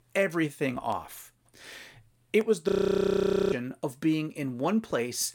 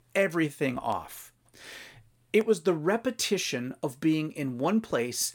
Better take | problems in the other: second | audio freezing; at 2.5 s for 1 s

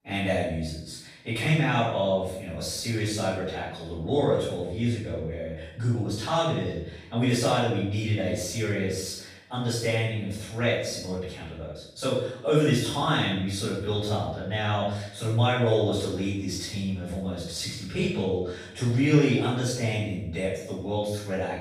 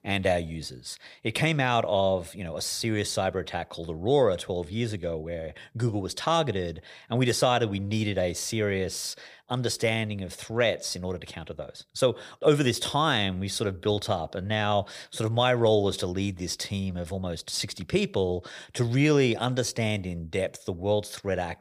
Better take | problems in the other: second | off-mic speech; far // room echo; strong; dies away in 0.6 s

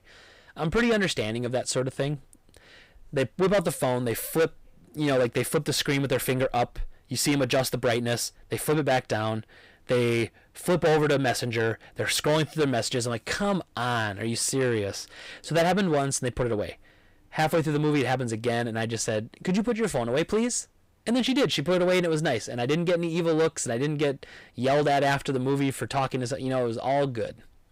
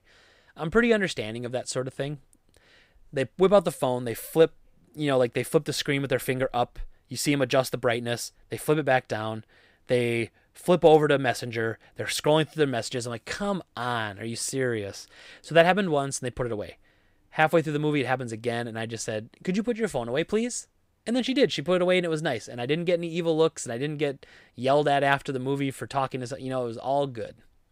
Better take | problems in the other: second | distortion; heavy; 7 dB below the speech

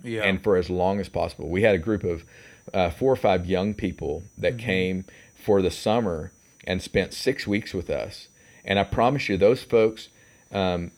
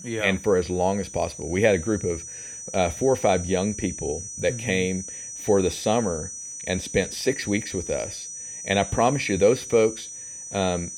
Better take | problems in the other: first | high-pitched whine; loud; throughout; 6 kHz, 10 dB below the speech; faint in the first

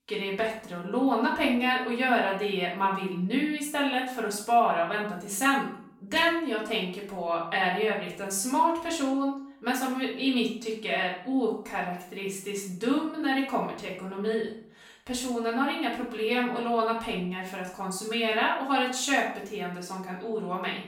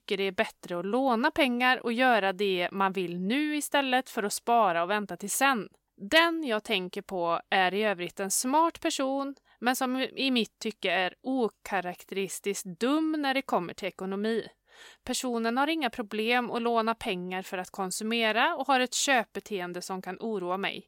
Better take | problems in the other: second | off-mic speech; far // room echo; noticeable; dies away in 0.5 s

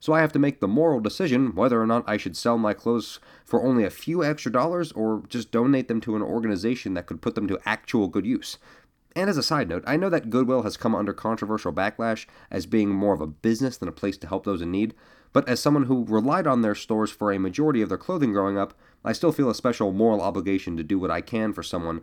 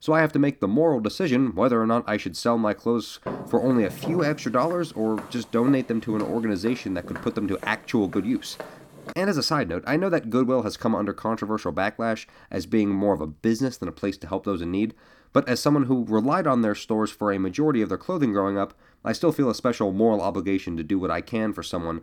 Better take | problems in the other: first | footsteps; noticeable; from 3.5 to 9 s; peak 9 dB below the speech

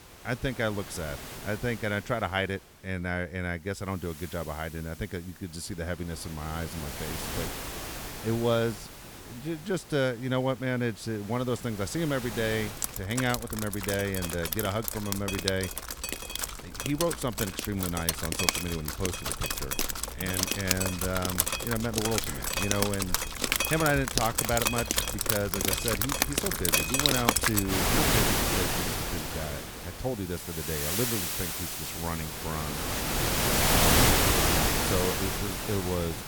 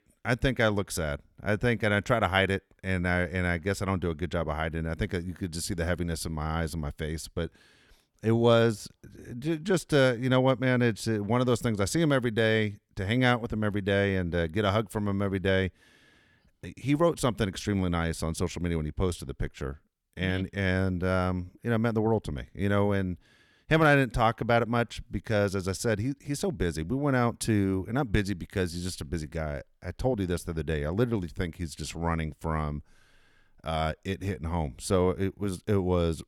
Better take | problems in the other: second | rain or running water; very loud; throughout; 4 dB above the speech

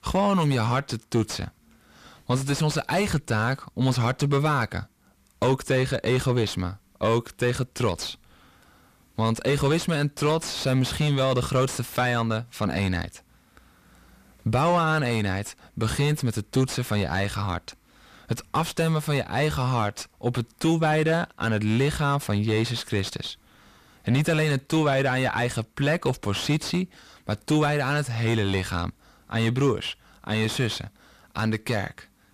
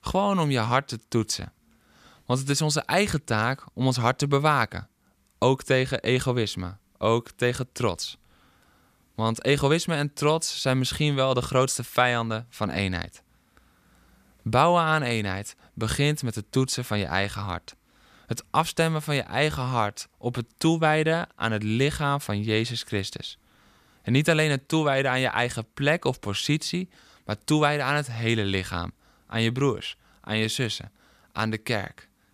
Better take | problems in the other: second | distortion; heavy; 8 dB below the speech

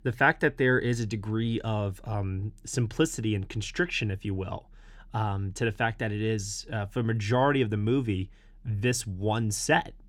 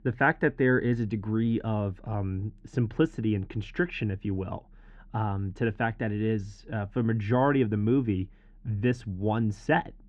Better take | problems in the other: first | muffled; very; fading above 2 kHz

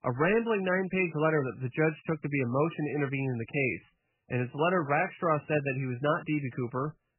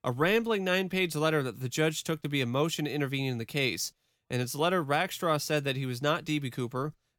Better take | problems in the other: second | garbled, watery; badly; nothing above 3 kHz

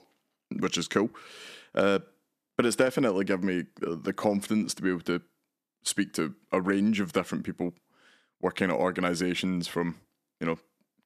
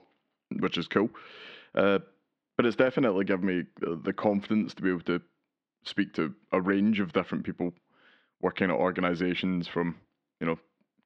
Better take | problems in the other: first | muffled; slightly; fading above 3.5 kHz

